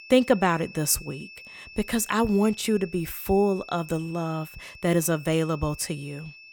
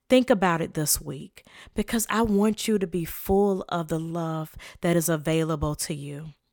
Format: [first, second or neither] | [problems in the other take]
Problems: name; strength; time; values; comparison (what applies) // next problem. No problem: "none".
second | high-pitched whine; noticeable; throughout; 2.5 kHz, 20 dB below the speech